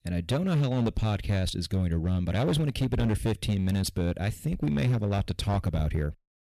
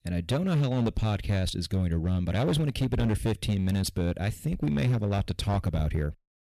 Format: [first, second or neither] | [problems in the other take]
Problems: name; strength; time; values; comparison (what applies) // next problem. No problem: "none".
neither | distortion; slight; 13% of the sound clipped; the same in both